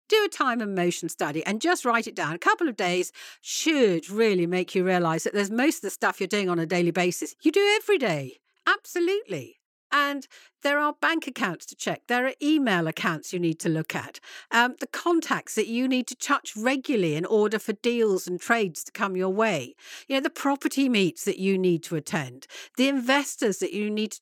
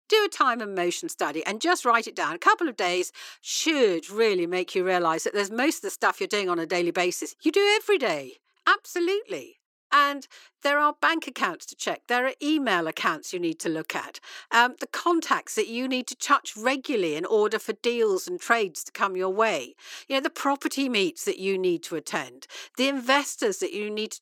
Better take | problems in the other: first | thin; very slightly; fading below 350 Hz

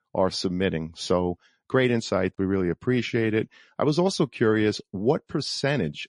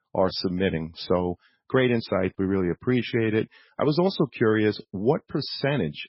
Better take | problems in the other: first | garbled, watery; badly; nothing above 5.5 kHz; slightly in the first

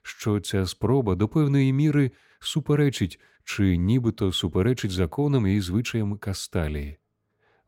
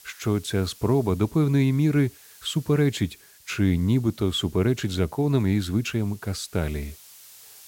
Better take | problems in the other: first | hiss; faint; throughout; 25 dB below the speech

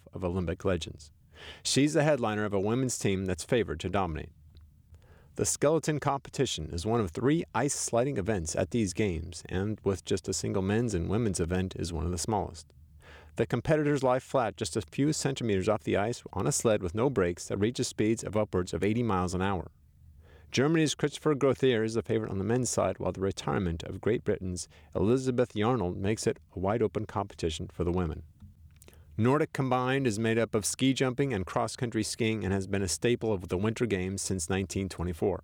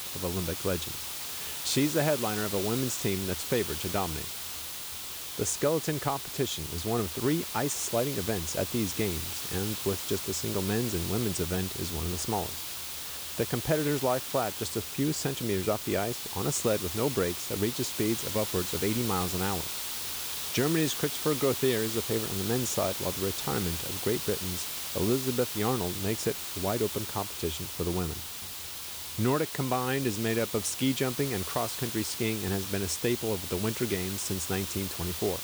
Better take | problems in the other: first | hiss; loud; throughout; 3 dB below the speech

